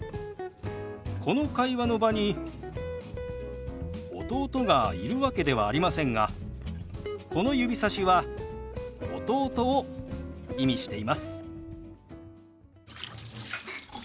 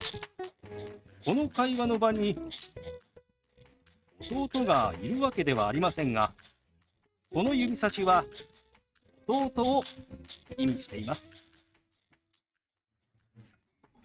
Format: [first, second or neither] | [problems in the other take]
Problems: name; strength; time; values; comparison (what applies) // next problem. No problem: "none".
first | noise reduction (neural mask model RNNoise)